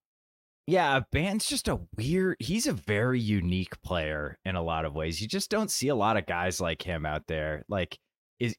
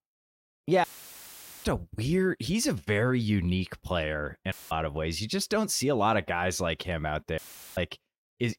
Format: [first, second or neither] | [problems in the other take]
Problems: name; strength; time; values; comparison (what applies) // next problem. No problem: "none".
first | audio cutting out; filled with static; at 1 s for 1 s, at 4.5 s and at 7.5 s